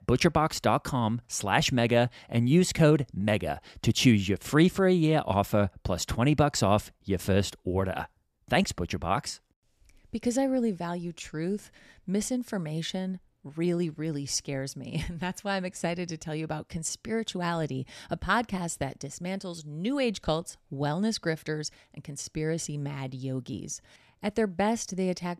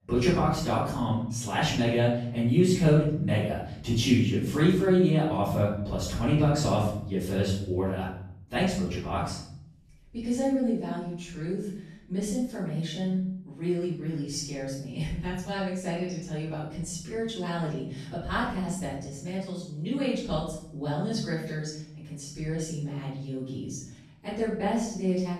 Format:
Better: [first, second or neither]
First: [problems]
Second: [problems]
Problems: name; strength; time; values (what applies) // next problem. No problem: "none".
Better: first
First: none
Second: off-mic speech; far // room echo; noticeable; dies away in 0.8 s